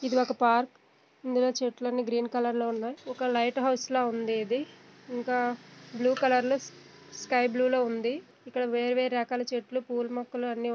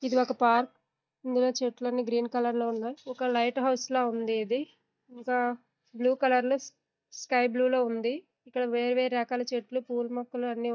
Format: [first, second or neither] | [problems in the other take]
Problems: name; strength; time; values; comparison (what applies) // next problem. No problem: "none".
first | noise reduction (neural mask model DeepFilterNet 3)